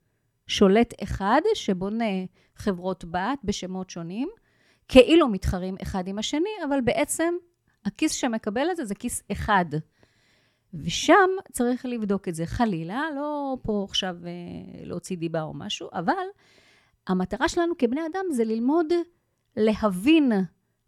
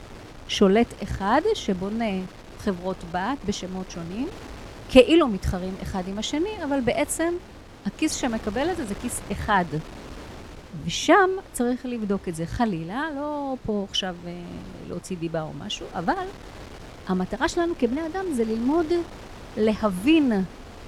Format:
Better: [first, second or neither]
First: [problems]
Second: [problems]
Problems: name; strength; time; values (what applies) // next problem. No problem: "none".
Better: first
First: none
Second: wind noise on the microphone; occasional gusts; 20 dB below the speech